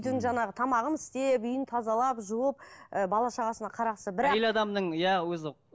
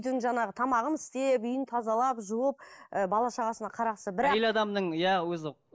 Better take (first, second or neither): first